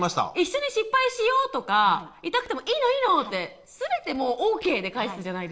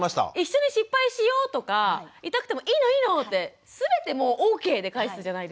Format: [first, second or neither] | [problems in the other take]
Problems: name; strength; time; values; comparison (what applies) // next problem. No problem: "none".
second | noise reduction (neural separator model SepFormer DNS4)